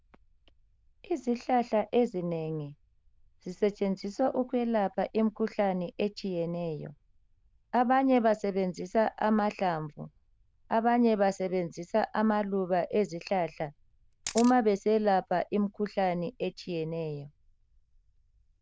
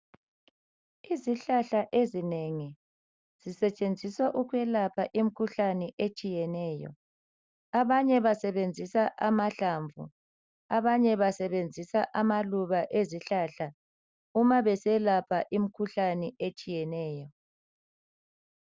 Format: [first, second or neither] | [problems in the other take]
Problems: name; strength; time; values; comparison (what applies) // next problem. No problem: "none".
second | noise reduction (neural diffusion model UNIVERSE++)